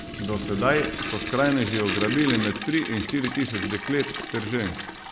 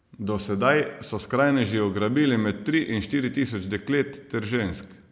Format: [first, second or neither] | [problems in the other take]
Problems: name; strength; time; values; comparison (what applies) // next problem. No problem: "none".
second | background sound (Toilet flush); 6 dB below the speech